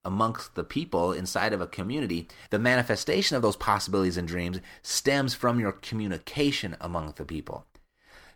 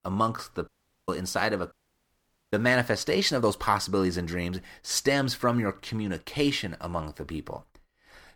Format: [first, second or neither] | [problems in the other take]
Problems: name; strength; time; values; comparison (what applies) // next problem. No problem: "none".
first | audio cutting out; at 0.5 s and at 1.5 s for 1 s